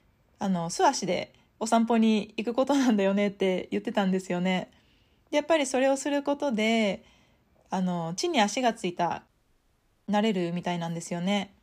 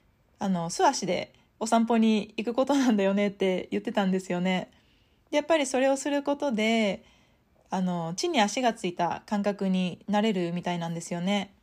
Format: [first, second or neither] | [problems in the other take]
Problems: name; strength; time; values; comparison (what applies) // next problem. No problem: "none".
second | audio cutting out; at 9.5 s for 1 s